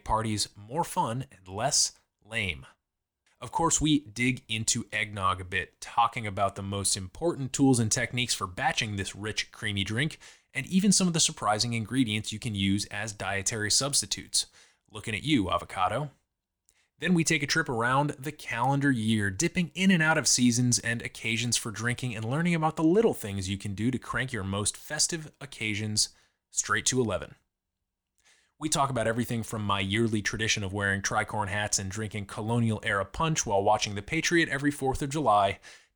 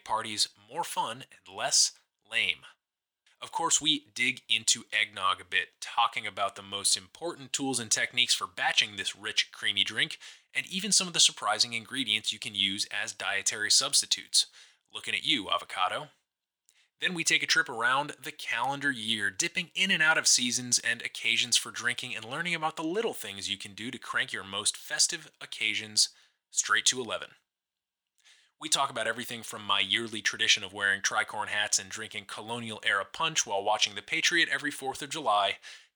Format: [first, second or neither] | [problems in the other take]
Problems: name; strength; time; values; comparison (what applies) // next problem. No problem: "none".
first | thin; somewhat; fading below 900 Hz